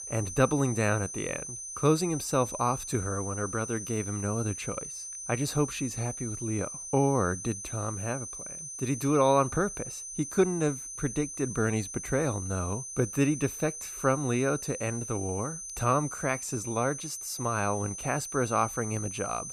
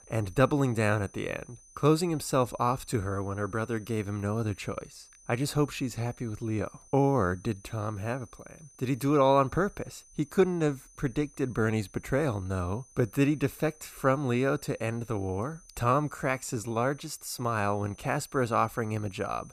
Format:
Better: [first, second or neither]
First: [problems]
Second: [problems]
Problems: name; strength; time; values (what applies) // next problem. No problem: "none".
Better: second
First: high-pitched whine; loud; throughout; 6 kHz, 7 dB below the speech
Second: high-pitched whine; faint; throughout; 6 kHz, 25 dB below the speech